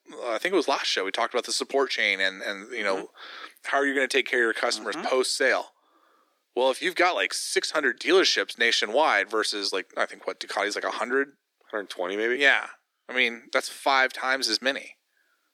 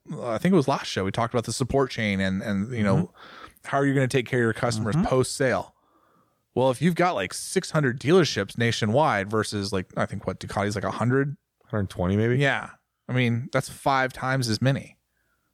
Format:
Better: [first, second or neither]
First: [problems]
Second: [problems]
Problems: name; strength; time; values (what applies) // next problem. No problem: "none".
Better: second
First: thin; very; fading below 300 Hz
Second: none